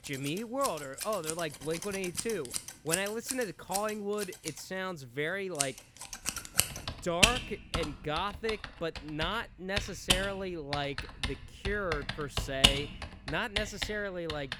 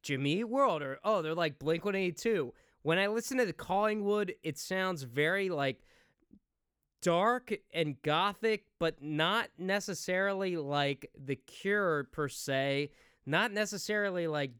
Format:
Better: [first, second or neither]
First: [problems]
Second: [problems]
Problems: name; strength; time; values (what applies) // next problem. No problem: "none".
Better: second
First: household noises; very loud; throughout; 2 dB above the speech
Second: none